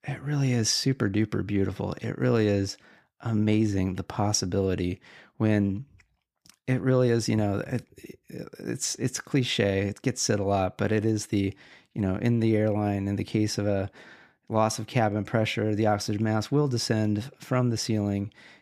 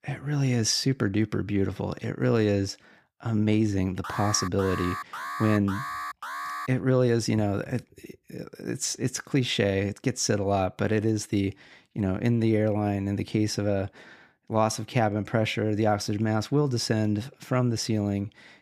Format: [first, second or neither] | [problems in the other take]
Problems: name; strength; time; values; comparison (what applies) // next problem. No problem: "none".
first | alarm; noticeable; from 4 to 6.5 s; peak 7 dB below the speech